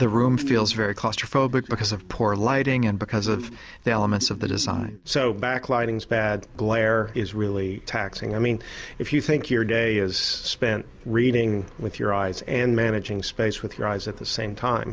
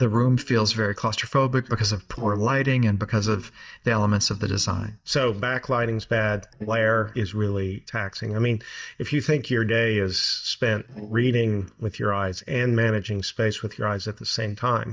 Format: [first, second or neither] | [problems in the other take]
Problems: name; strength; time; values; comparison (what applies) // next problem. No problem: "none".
first | noise reduction (neural mask model DeepFilterNet 3)